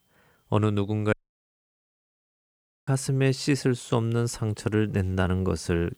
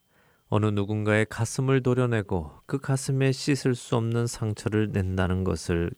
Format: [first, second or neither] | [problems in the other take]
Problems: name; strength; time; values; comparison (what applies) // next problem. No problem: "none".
second | audio cutting out; at 1 s for 1.5 s